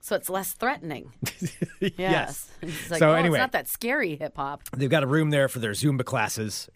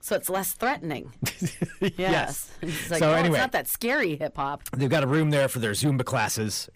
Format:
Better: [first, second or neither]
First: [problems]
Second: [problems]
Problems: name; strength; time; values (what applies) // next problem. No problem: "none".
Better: first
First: none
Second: distortion; slight; 10 dB below the speech